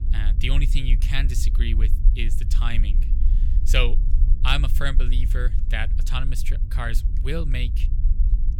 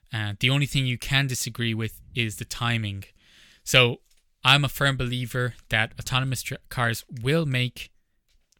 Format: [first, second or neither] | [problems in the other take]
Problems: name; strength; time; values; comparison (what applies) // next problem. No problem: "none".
second | low rumble; noticeable; throughout; 15 dB below the speech